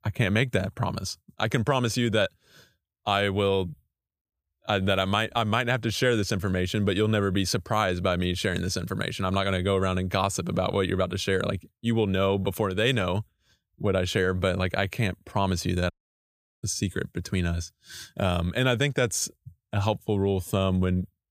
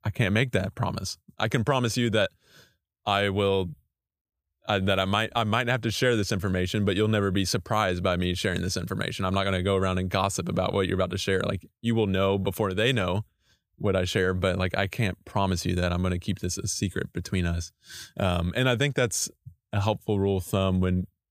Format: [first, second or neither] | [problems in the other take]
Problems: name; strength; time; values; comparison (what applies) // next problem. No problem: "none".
second | audio cutting out; at 16 s for 0.5 s